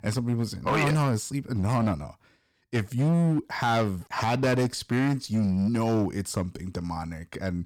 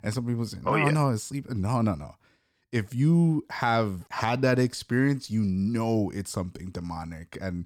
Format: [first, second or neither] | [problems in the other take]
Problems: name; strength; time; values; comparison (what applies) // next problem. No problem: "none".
second | distortion; slight; 11% of the sound clipped